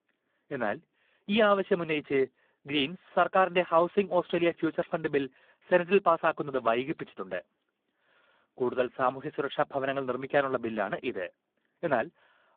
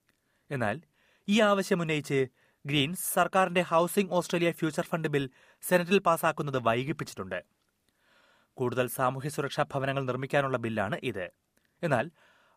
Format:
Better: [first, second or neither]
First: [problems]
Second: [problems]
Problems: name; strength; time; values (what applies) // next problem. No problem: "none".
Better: second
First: phone-call audio; poor line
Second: none